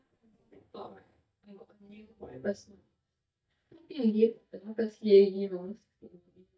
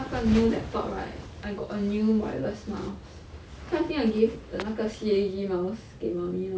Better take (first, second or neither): second